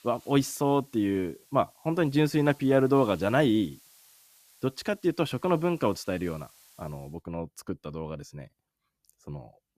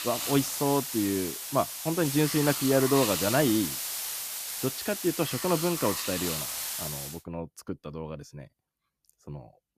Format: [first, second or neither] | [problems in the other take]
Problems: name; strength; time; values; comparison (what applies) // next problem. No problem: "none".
first | hiss; loud; until 7 s; 3 dB below the speech; faint in the first